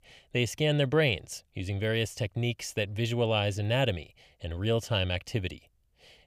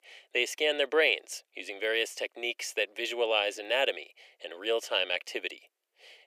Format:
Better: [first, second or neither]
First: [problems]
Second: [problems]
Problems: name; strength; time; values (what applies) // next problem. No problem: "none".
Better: first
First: none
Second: thin; very; fading below 350 Hz